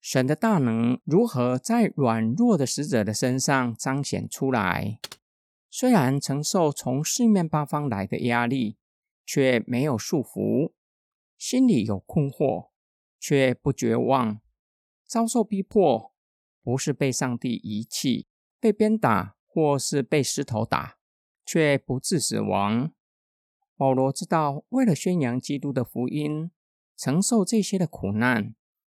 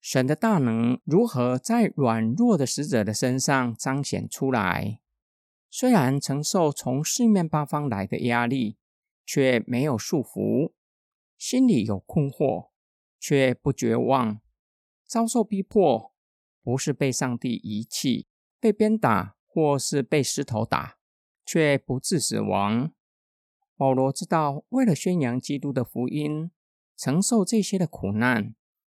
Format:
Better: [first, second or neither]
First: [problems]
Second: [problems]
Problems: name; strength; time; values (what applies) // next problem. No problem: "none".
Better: second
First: keyboard typing; faint; at 5 s; peak 15 dB below the speech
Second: none